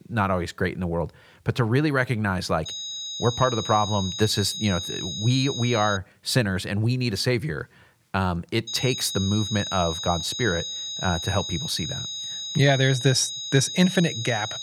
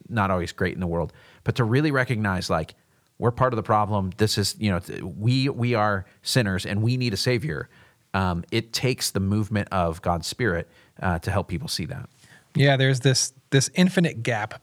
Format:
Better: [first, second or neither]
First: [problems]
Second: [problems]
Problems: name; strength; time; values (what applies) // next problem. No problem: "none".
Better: second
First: high-pitched whine; loud; from 2.5 to 6 s and from 8.5 s on; 4 kHz, 5 dB below the speech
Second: none